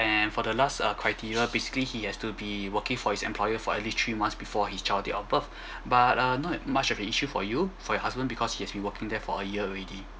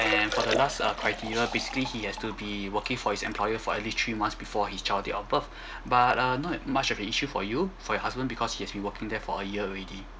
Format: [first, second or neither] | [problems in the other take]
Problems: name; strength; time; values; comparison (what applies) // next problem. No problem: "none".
first | background sound (Liquid); 11 dB below the speech